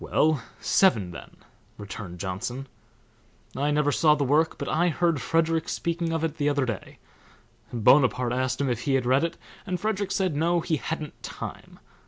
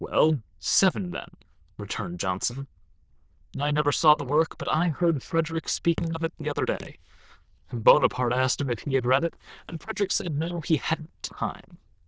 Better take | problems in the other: first | noise reduction (neural diffusion model UNIVERSE++)

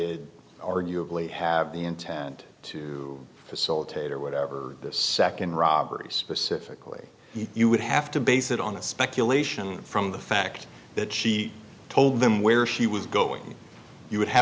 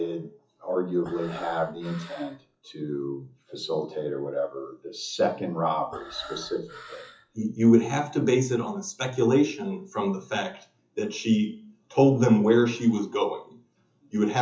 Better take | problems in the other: first | noise reduction (classical method WPE with log-MMSE)

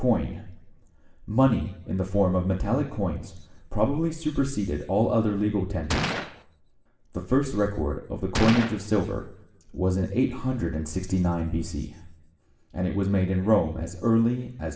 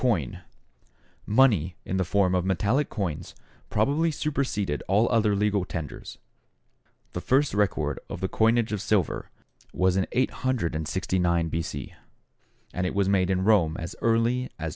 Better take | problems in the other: second | background sound (Gunshot, gunfire); 5 dB below the speech // room echo; dies away in 0.8 s

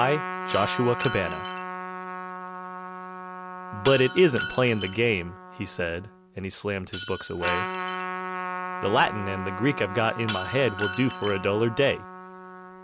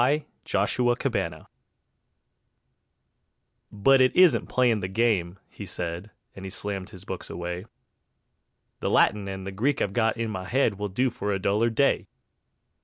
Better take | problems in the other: second | background sound (Trumpet + Shatter); 7 dB below the speech

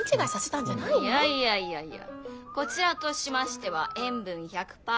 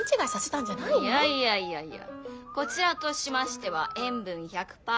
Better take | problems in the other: second | background sound (Clock); 17 dB below the speech

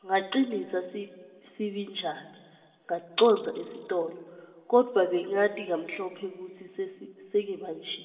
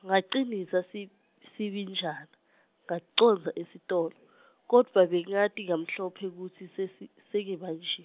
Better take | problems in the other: second | room echo; dies away in 1.7 s

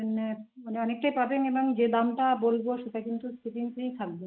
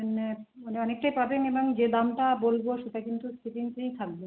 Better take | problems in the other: second | noise reduction (neural mask model Resemble Enhance denoiser)

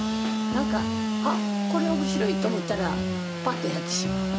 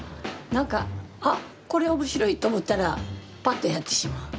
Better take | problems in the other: second | background sound (Sawing / Engine); 3 dB above the speech

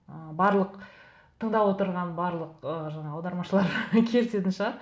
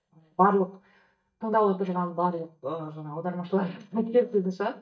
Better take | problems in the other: first | noise reduction (neural mask model DeepFilterNet 3)

